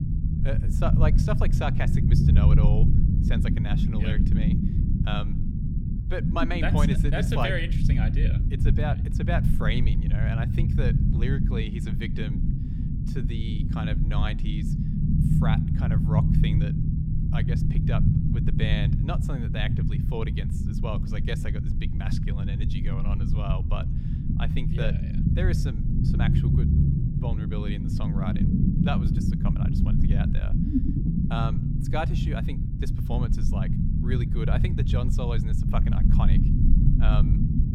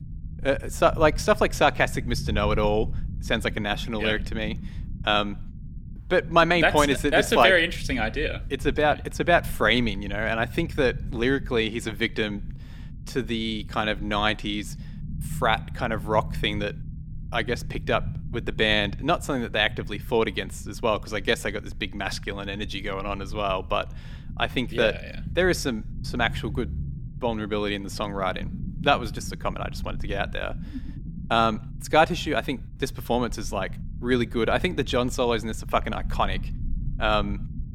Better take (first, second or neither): second